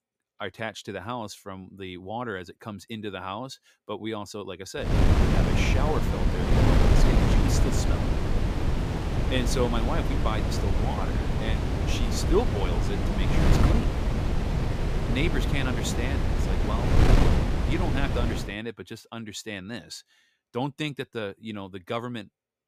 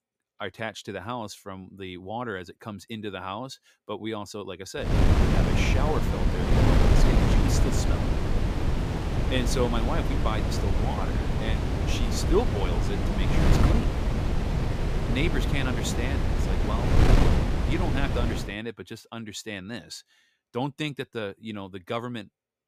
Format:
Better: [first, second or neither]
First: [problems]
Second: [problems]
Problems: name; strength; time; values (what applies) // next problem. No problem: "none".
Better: neither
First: wind noise on the microphone; heavy; from 5 to 18 s; 2 dB above the speech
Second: wind noise on the microphone; heavy; from 5 to 18 s; 2 dB above the speech